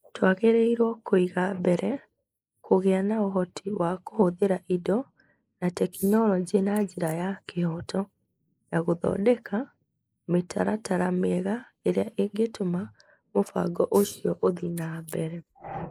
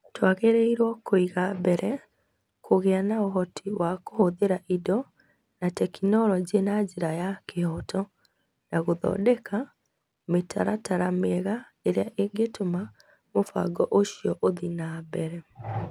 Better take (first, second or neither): second